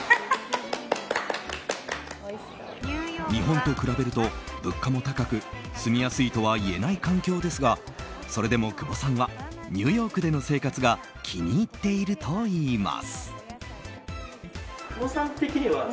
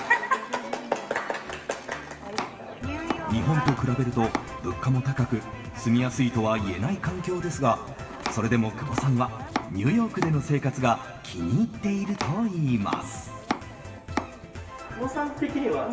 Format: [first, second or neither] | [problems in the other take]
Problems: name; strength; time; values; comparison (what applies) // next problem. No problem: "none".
first | background sound (Domestic sounds, home sounds); 9 dB below the speech // room echo; dies away in 3 s